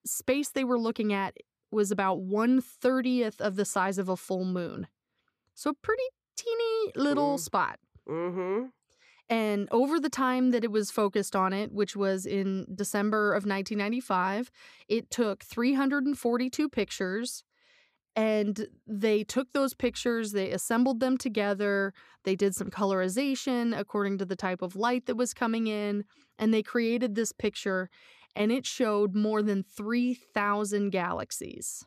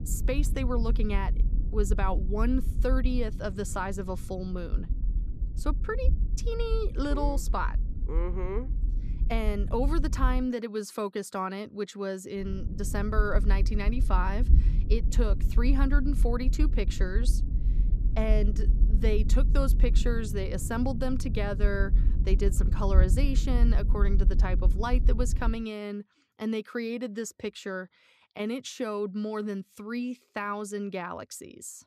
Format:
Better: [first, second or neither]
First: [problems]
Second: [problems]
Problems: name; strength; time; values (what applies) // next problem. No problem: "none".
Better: first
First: none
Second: low rumble; noticeable; until 10 s and from 12 to 26 s; 15 dB below the speech